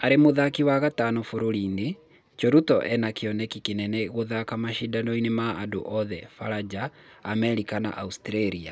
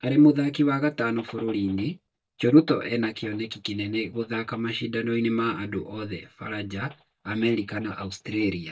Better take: first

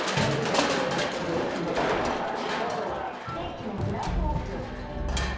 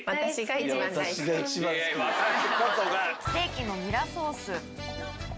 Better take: second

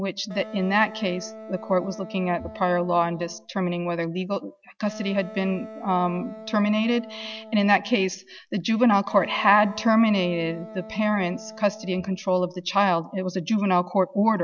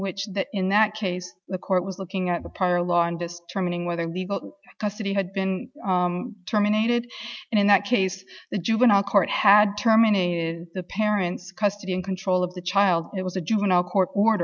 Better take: second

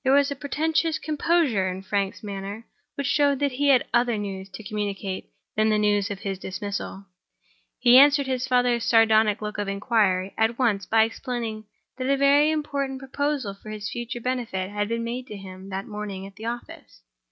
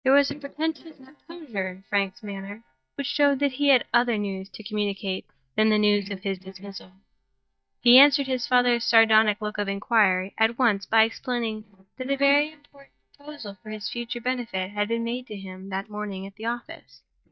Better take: first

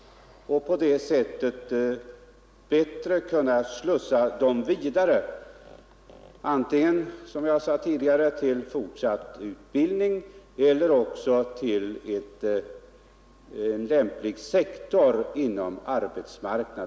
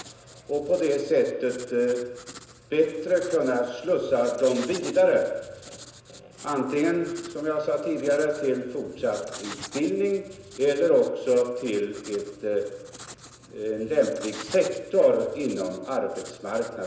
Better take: first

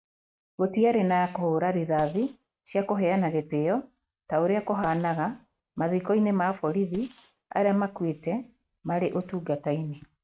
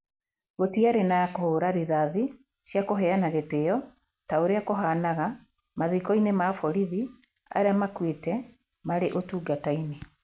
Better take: second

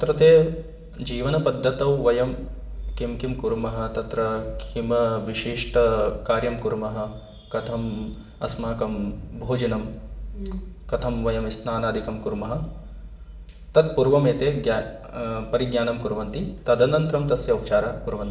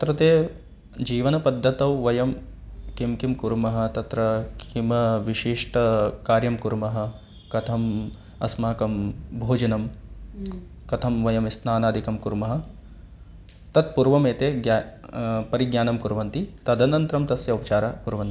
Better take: second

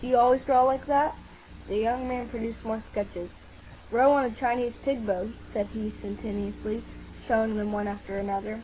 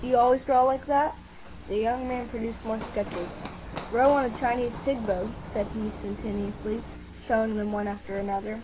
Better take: first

